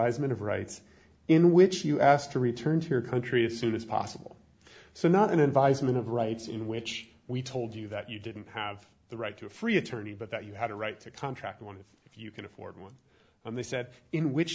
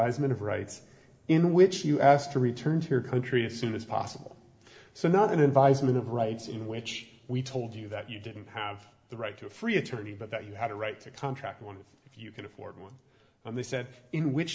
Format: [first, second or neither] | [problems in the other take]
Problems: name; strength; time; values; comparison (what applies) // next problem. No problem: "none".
first | room echo; dies away in 1.2 s